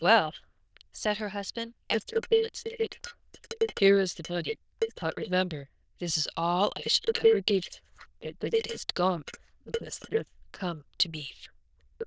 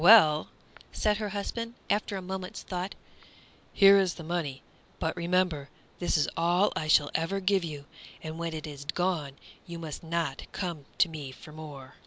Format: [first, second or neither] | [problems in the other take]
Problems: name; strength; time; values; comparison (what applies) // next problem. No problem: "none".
second | noise reduction (neural diffusion model UNIVERSE++)